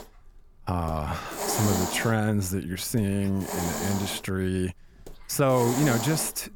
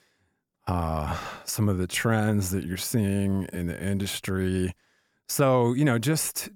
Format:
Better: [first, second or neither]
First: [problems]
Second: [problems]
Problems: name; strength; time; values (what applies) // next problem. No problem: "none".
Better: second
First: hiss; loud; throughout; 5 dB below the speech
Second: none